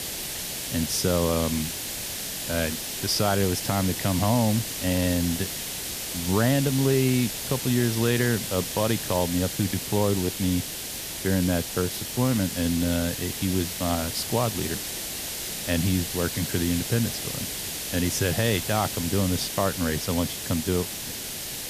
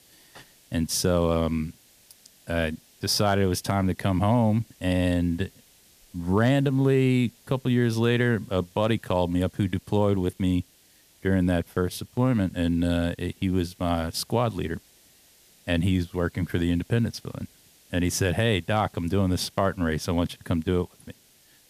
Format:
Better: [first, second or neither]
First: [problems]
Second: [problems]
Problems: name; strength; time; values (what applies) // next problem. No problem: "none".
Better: second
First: hiss; loud; throughout; 4 dB below the speech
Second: hiss; faint; throughout; 30 dB below the speech